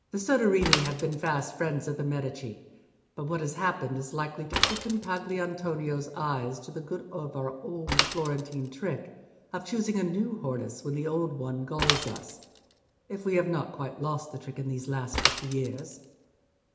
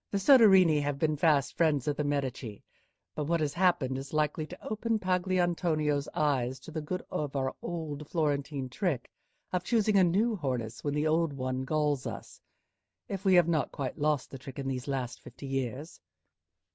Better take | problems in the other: second | background sound (Mechanisms / Bicycle); 5 dB below the speech // room echo; dies away in 0.8 s

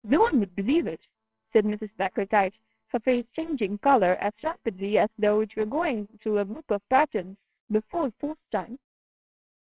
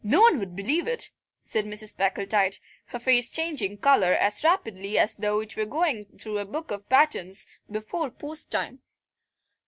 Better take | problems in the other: second | noise reduction (neural separator model SepFormer WHAMR!)

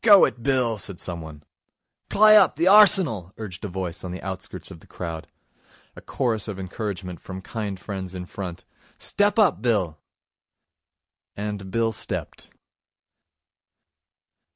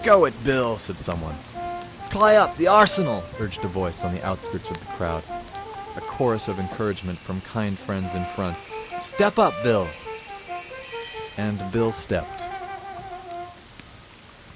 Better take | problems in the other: first | background sound (Rain / Train + Brass instrument); 11 dB below the speech

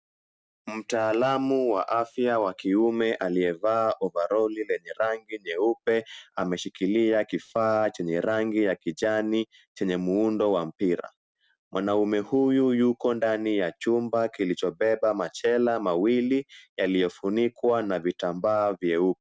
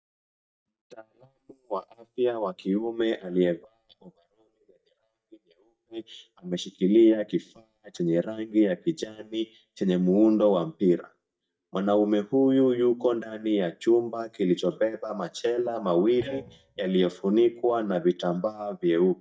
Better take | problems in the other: first | noise reduction (neural mask model DeepFilterNet 3)

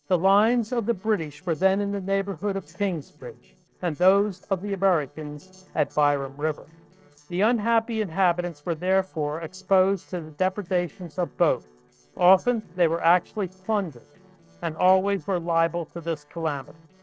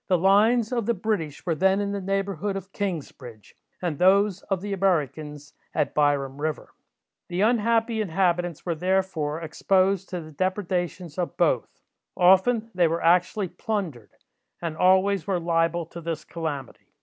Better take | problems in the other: second | noise reduction (neural separator model SepFormer DNS4)

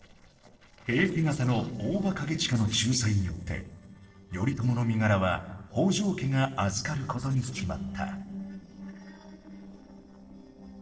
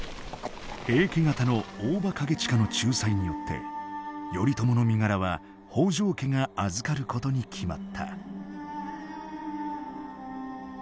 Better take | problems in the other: second | noise reduction (neural separator model SepFormer DNS4)

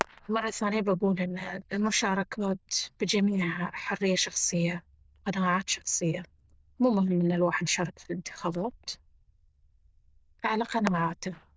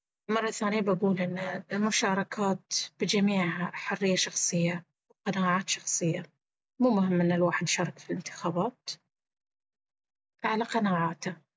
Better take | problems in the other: second | noise reduction (neural diffusion model UNIVERSE++)

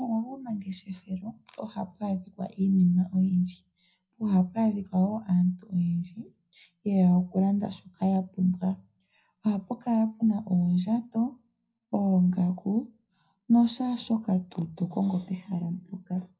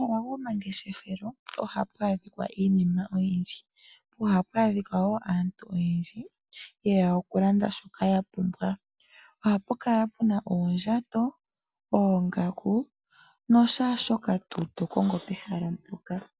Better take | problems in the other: second | room echo; dies away in 0.3 s

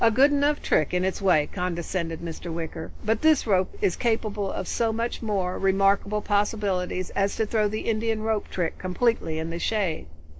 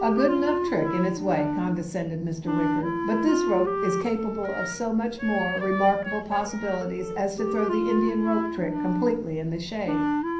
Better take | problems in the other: first | background sound (Wind instrument, woodwind instrument); 2 dB below the speech // room echo; dies away in 0.6 s

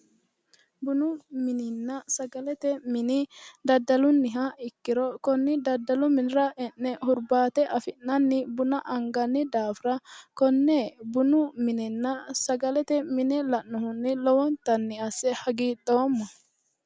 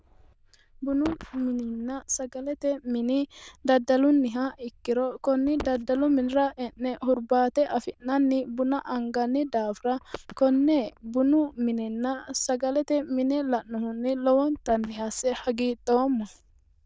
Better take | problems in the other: first | noise reduction (neural diffusion model UNIVERSE++)

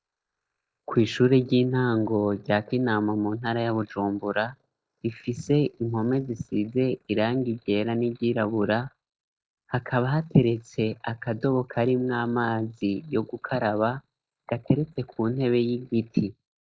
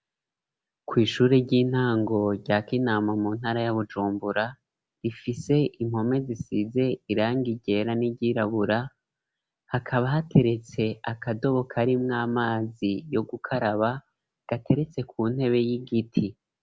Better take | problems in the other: second | noise reduction (neural mask model Resemble Enhance denoiser)

